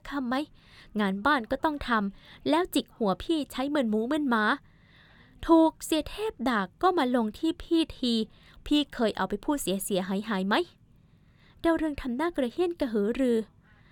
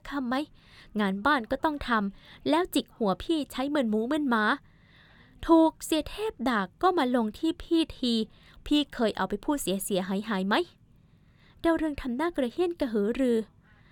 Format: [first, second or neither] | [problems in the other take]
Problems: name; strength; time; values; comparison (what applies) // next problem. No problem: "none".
neither | none